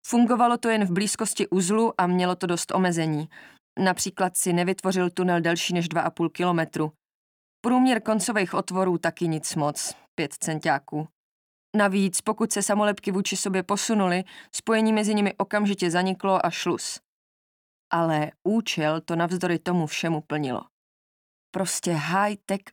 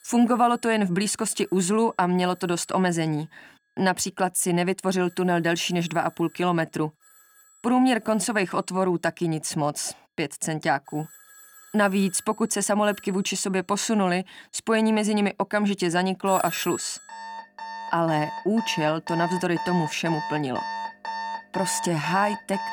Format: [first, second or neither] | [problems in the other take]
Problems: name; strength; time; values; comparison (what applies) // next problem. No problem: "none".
first | alarms or sirens; loud; throughout; 10 dB below the speech